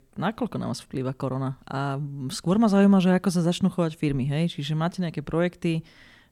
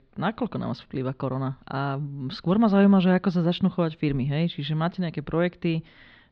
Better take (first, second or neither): first